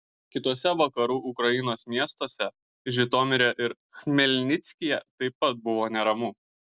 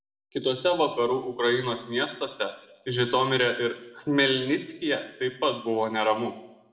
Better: first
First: none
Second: room echo; dies away in 0.7 s

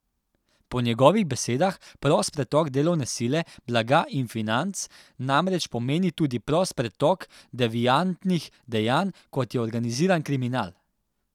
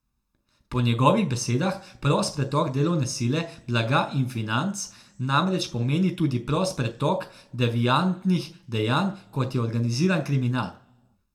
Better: first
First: none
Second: room echo; dies away in 0.3 s

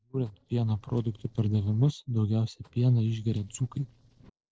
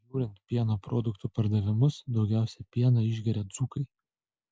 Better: second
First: noise reduction (neural separator model SepFormer DNS4)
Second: none

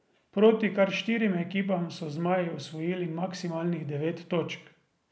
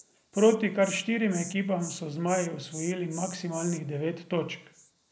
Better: first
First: none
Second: background sound (Insect); 15 dB below the speech

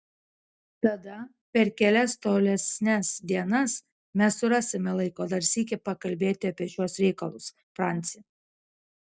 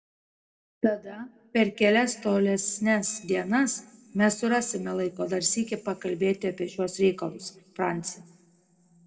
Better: first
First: none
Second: noise reduction (neural separator model SepFormer DNS4)

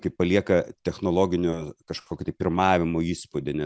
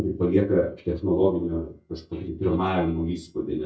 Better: first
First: none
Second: noise reduction (neural mask model DeepFilterNet 3)

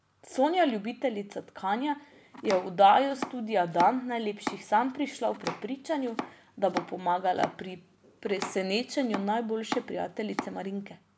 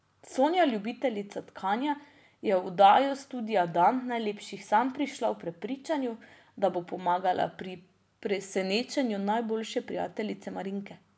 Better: second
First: background sound (Domestic sounds, home sounds); 11 dB below the speech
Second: none

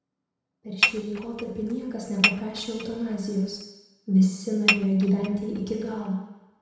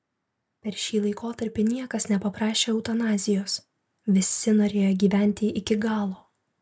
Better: second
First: background sound (Dishes, pots, and pans / Chink, clink); 2 dB below the speech // room echo; dies away in 1 s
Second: none

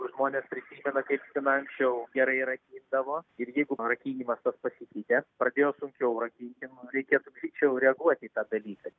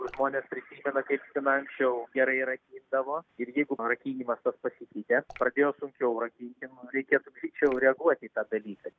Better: first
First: none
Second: background sound (Drip / Water); 18 dB below the speech

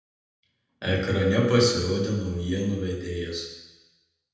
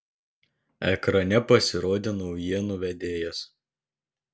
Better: second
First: room echo; dies away in 1.1 s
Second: none

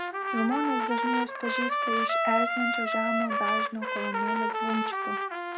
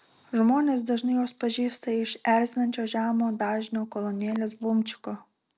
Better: second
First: background sound (Trumpet); 4 dB above the speech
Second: none

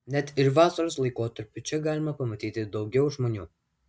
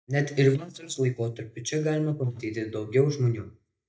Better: first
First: none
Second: noise reduction (neural mask model DeepFilterNet 3)

